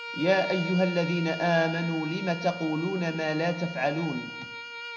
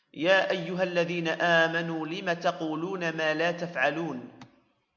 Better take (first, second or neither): second